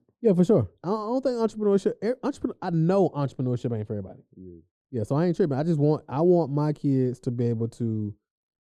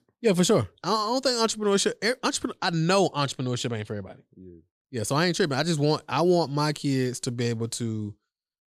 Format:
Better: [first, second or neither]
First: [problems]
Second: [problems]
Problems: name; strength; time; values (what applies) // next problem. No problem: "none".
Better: second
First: muffled; very; fading above 1 kHz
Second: none